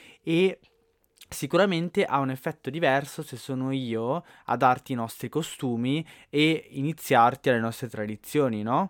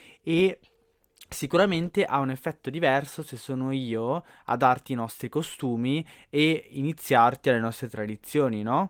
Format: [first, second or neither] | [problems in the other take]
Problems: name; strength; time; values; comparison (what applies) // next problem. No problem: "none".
first | garbled, watery; slightly; nothing above 17.5 kHz